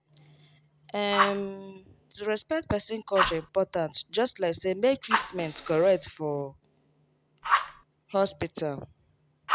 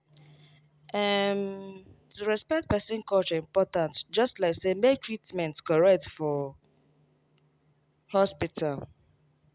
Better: second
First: background sound (Fire); 4 dB below the speech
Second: none

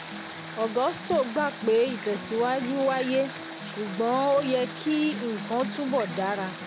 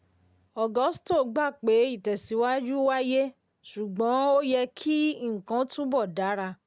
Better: second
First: background sound (Acoustic guitar + Water); 10 dB below the speech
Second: none

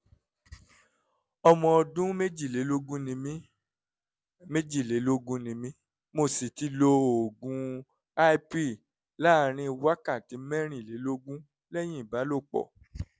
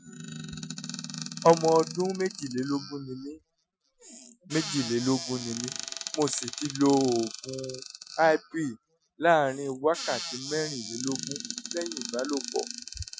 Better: first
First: none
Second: noise reduction (classical method Wiener filter)

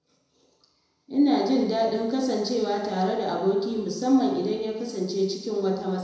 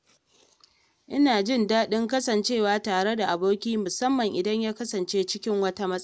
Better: second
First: room echo; dies away in 1 s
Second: none

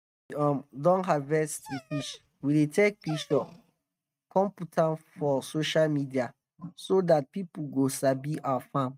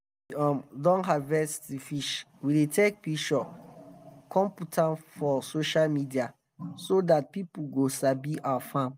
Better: second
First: noise reduction (neural mask model RNNoise)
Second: none

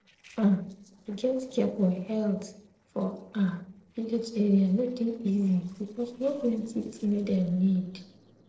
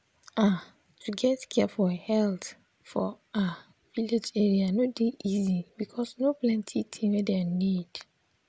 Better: second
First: noise reduction (neural separator model SepFormer DNS4)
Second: none

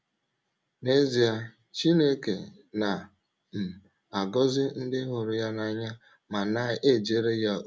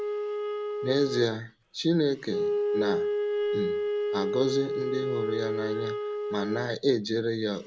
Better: first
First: none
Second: background sound (Wind instrument, woodwind instrument); as loud as the speech

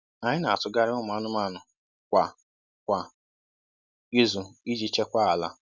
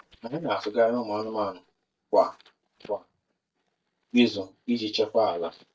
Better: first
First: none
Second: noise reduction (neural mask model DeepFilterNet 3)

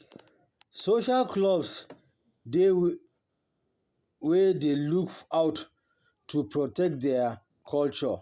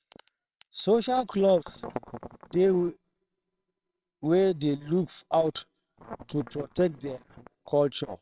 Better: first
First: none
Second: noise reduction (neural separator model SepFormer WHAMR!)

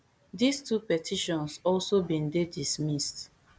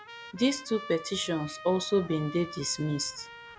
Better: first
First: none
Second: background sound (Trumpet); 15 dB below the speech

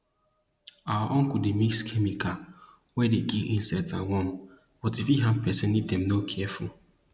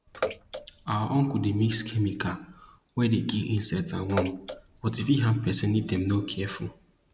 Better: first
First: none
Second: background sound (Bathtub (filling or washing) / Water / Splash, splatter); 12 dB below the speech

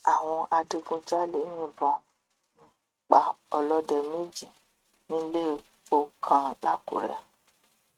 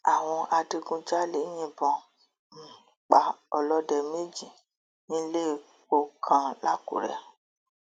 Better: second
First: noise reduction (neural mask model RNNoise)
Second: none

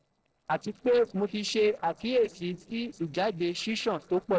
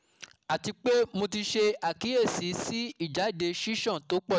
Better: second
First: noise reduction (neural separator model SepFormer DNS4)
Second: none

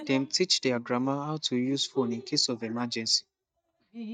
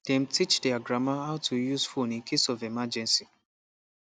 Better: second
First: noise reduction (neural mask model DeepFilterNet 3)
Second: none

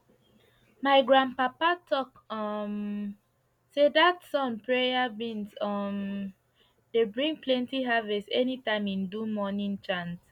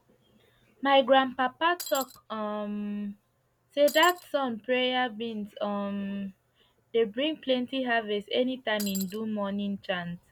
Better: first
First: none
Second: background sound (Shatter); 10 dB below the speech

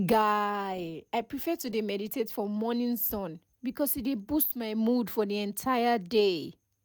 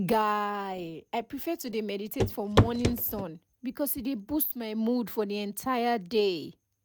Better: first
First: none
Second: background sound (Walk, footsteps / Run / Wood); 3 dB above the speech

